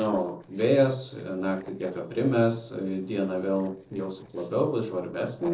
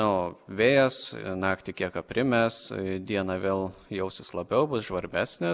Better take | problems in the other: second | noise reduction (neural separator model SepFormer DNS4)

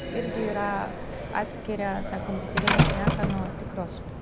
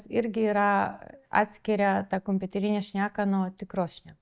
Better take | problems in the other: second | background sound (Slam); 4 dB above the speech

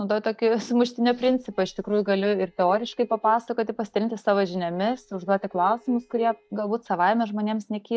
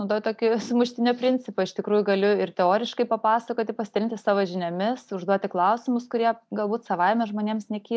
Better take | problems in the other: second | noise reduction (neural mask model DeepFilterNet 3)

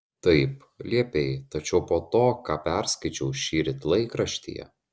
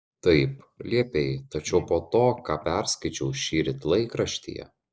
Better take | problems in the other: first | noise reduction (neural mask model Resemble Enhance denoiser)

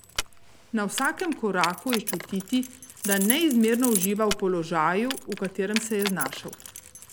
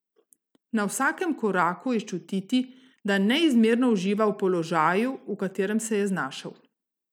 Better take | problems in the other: second | background sound (Keys jangling); 8 dB below the speech

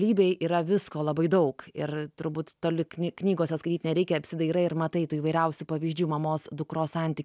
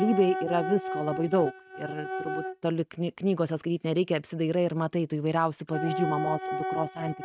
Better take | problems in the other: first | noise reduction (neural mask model RNNoise)

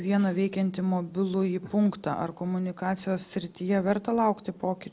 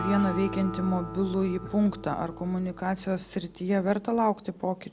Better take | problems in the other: first | background sound (Acoustic guitar); 11 dB below the speech

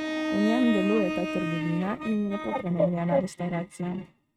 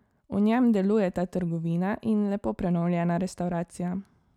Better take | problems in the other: second | noise reduction (neural mask model RNNoise)

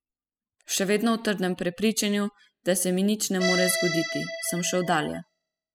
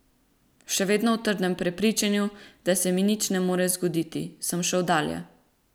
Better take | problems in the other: second | noise reduction (classical method spectral subtraction)

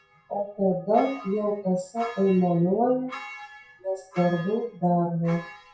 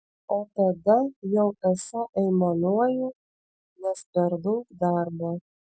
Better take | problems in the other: second | noise reduction (classical method WPE with log-MMSE)

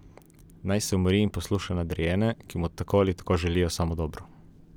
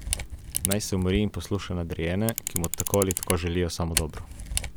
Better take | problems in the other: first | background sound (Camera); 5 dB below the speech

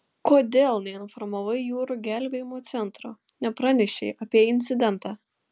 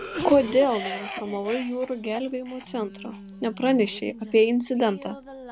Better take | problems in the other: first | background sound (Cough); 12 dB below the speech

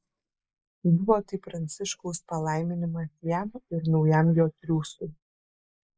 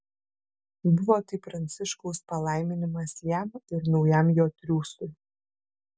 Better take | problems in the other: second | noise reduction (neural mask model Resemble Enhance denoiser)

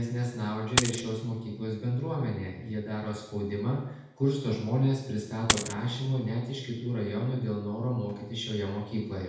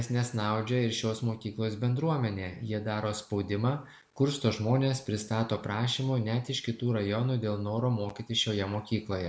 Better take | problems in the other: second | background sound (Coin (dropping)); 2 dB above the speech // room echo; dies away in 0.8 s

